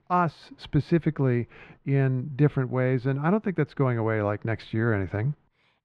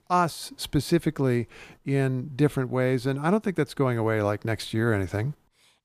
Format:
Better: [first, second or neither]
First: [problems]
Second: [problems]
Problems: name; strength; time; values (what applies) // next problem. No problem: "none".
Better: second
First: muffled; slightly; fading above 2 kHz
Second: none